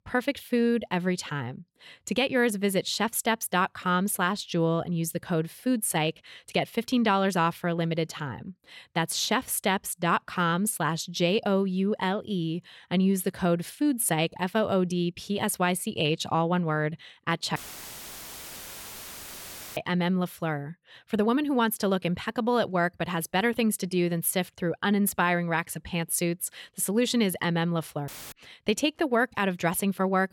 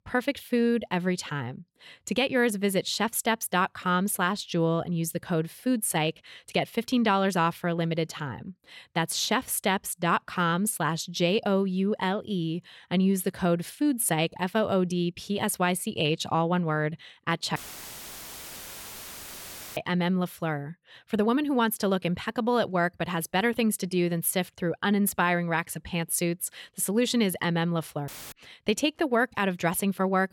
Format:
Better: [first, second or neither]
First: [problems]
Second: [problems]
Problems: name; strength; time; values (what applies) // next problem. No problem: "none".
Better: neither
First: audio cutting out; filled with static; at 18 s for 2 s and at 28 s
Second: audio cutting out; filled with static; at 18 s for 2 s and at 28 s